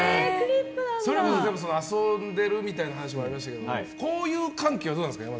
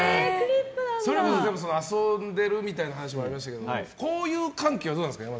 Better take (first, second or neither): second